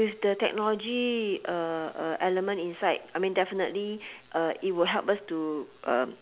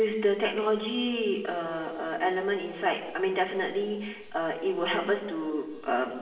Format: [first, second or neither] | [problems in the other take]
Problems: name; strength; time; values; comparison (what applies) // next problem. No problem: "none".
first | room echo; dies away in 1.1 s